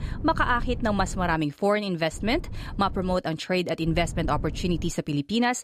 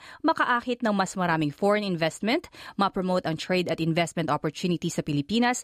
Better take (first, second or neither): second